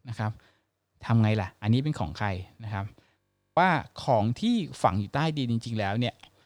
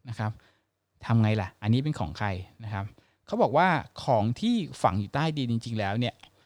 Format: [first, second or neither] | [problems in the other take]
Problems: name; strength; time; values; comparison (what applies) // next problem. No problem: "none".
second | audio freezing; at 3 s